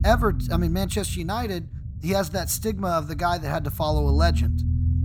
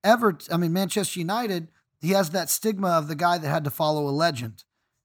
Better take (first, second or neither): second